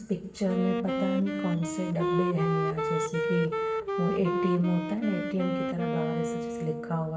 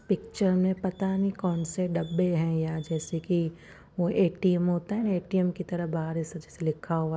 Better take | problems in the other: second | background sound (Wind instrument, woodwind instrument); 1 dB below the speech // room echo; dies away in 0.8 s

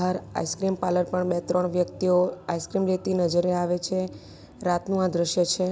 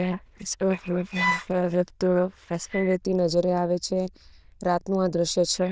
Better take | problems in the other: first | noise reduction (neural diffusion model UNIVERSE++)

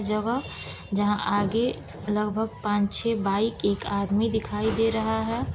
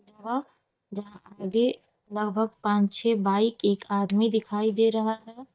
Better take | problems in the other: first | noise reduction (neural mask model DeepFilterNet 3)

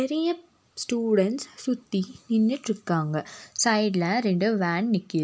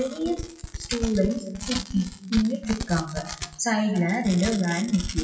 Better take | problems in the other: first | noise reduction (classical method WPE with log-MMSE)

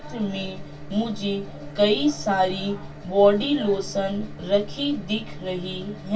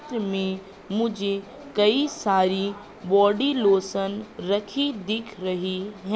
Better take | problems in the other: second | background sound (Organ); 17 dB below the speech // room echo; dies away in 0.1 s

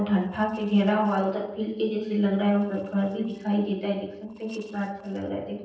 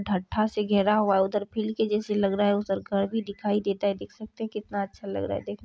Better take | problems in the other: second | noise reduction (neural separator model SepFormer DNS4)

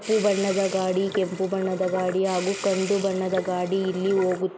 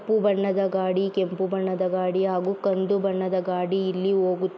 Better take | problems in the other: second | background sound (Sink (filling or washing) / Water tap, faucet); 12 dB below the speech

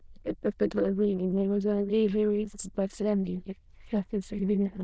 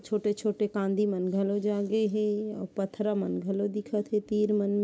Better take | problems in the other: second | noise reduction (neural diffusion model UNIVERSE++)

